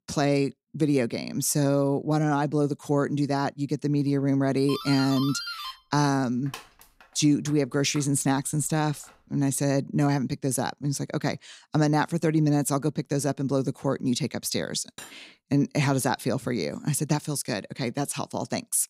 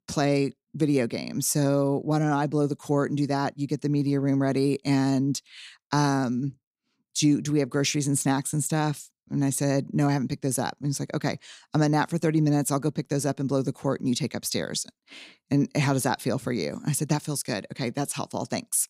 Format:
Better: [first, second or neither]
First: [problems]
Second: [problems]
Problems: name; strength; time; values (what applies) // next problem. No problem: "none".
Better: second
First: doorbell; noticeable; from 4.5 to 9 s; peak 7 dB below the speech // clattering dishes; faint; at 15 s; peak 20 dB below the speech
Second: none